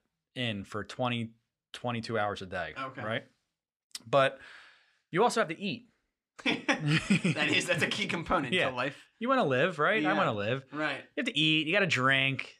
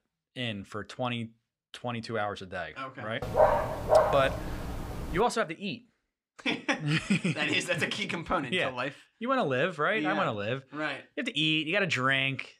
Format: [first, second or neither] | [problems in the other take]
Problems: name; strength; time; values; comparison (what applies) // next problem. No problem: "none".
first | dog barking; loud; from 3 to 5 s; peak 6 dB above the speech